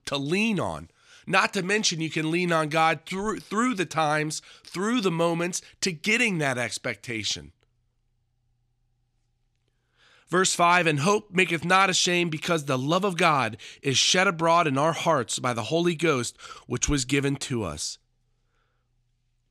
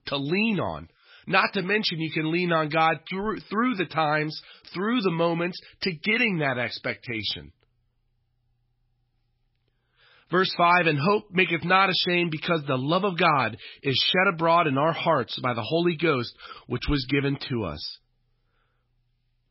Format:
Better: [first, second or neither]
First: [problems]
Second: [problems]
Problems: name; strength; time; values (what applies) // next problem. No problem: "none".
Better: first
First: none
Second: garbled, watery; badly; nothing above 5.5 kHz